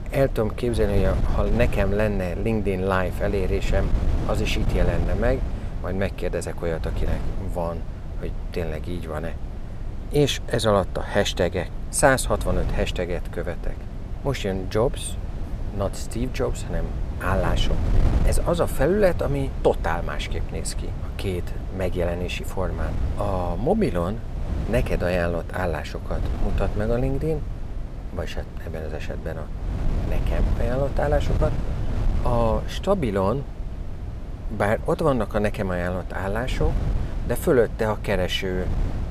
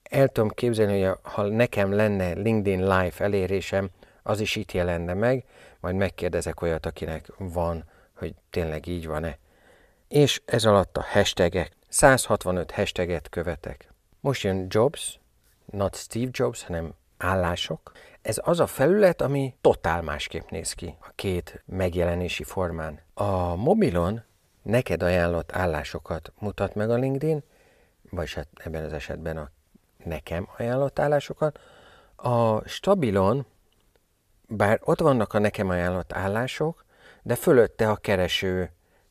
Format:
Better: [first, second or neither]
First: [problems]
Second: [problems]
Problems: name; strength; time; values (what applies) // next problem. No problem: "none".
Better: second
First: wind noise on the microphone; occasional gusts; 15 dB below the speech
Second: none